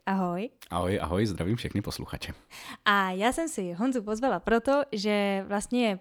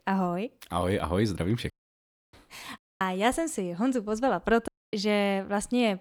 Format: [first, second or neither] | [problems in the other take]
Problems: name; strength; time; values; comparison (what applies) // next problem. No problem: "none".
first | audio cutting out; at 1.5 s for 0.5 s, at 3 s and at 4.5 s